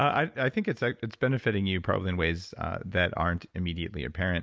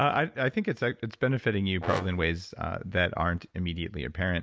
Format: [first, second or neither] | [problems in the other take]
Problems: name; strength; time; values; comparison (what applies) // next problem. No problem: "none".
first | background sound (Brass instrument); 14 dB below the speech